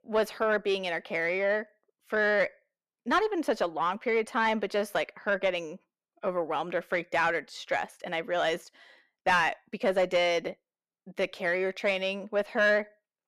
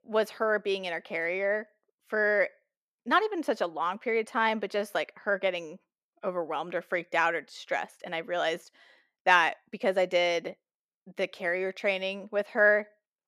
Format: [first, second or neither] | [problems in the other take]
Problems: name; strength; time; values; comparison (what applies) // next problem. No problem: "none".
second | distortion; slight; 10 dB below the speech